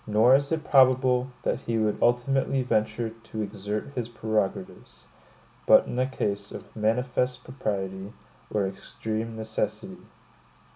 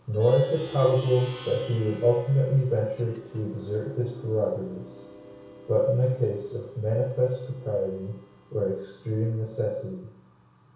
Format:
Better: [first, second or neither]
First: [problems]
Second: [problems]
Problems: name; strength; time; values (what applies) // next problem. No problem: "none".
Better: first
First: none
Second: background sound (Plucked string instrument); 19 dB below the speech // room echo; dies away in 0.6 s